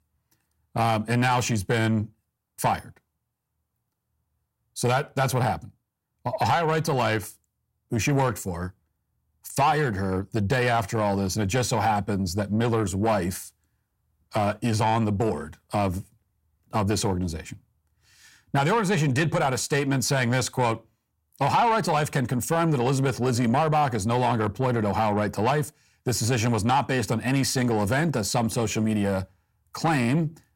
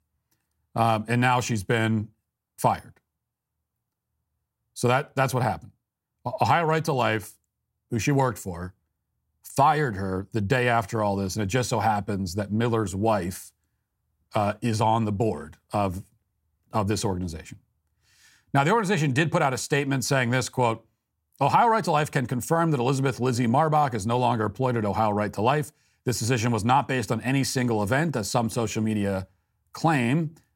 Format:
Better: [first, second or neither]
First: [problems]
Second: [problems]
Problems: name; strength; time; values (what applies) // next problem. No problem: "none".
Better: second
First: distortion; slight; 10 dB below the speech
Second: none